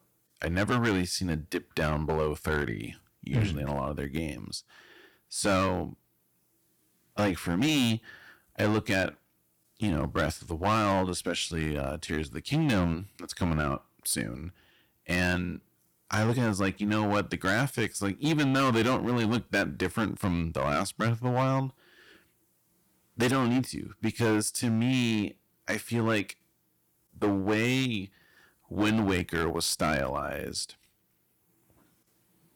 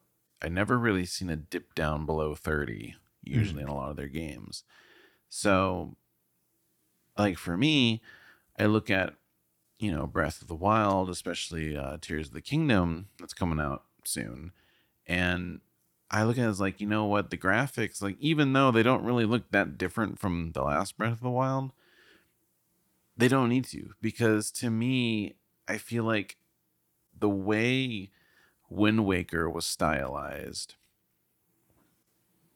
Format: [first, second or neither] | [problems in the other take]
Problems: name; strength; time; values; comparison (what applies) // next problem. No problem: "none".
second | distortion; heavy; 8% of the sound clipped